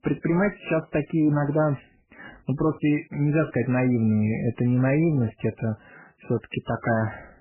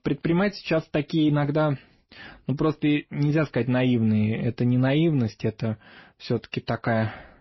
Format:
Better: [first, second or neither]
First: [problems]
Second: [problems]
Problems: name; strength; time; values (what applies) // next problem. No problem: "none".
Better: second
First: garbled, watery; badly; nothing above 3 kHz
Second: garbled, watery; slightly; nothing above 5.5 kHz